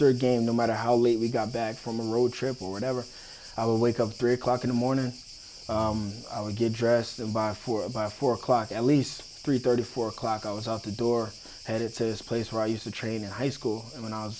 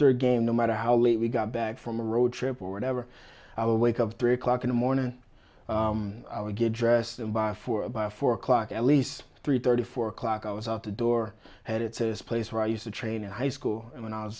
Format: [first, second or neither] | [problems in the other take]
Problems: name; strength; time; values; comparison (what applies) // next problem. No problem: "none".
second | background sound (Cricket); 19 dB below the speech